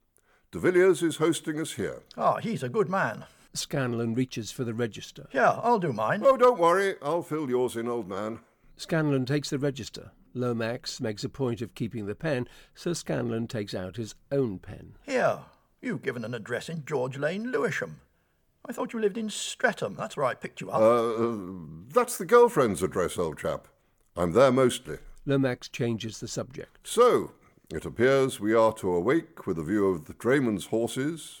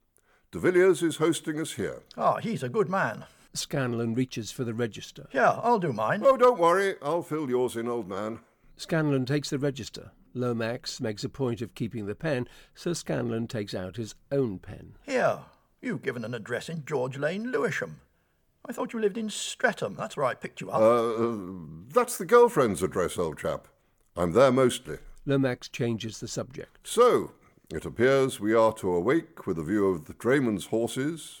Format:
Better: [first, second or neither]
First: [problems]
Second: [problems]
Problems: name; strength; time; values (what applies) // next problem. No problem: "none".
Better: neither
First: none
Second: none